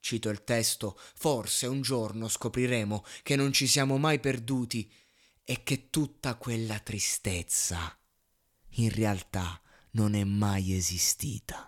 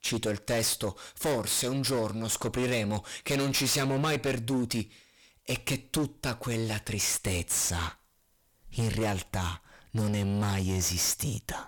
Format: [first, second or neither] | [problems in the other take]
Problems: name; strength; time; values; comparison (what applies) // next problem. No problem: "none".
first | distortion; heavy; 19% of the sound clipped